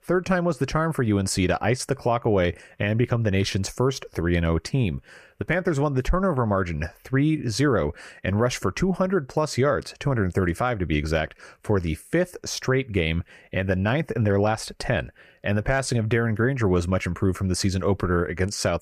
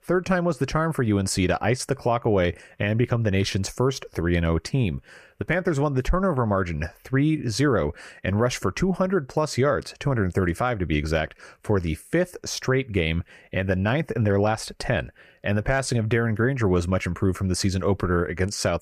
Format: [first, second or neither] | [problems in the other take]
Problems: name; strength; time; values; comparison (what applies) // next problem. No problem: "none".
neither | none